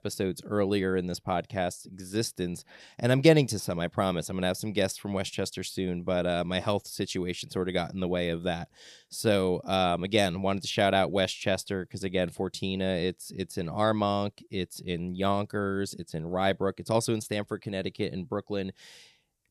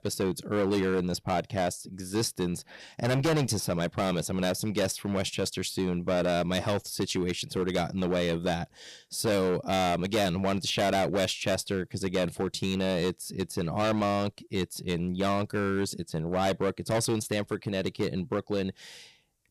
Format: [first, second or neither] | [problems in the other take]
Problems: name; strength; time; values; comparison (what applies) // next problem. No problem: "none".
first | distortion; heavy; 12% of the sound clipped